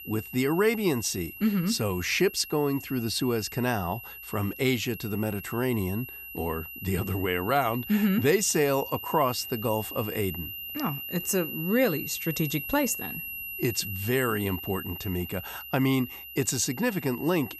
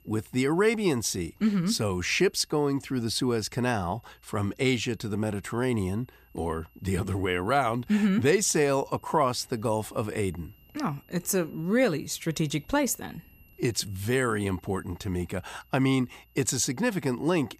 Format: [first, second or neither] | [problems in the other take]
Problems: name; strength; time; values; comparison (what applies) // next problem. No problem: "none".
second | high-pitched whine; loud; throughout; 3 kHz, 9 dB below the speech; faint in the second